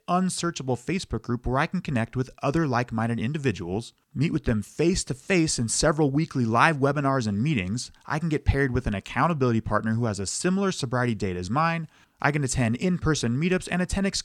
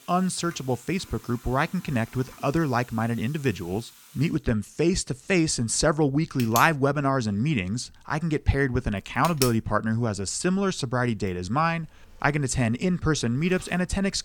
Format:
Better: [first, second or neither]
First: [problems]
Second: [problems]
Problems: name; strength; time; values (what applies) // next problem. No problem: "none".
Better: first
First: none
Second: household noises; noticeable; throughout; 15 dB below the speech